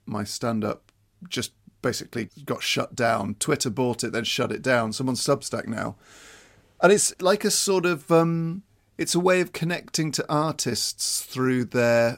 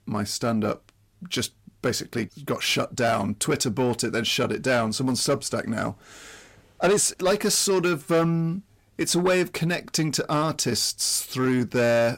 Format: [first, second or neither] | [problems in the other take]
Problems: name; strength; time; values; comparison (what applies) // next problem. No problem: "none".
first | distortion; slight; 10 dB below the speech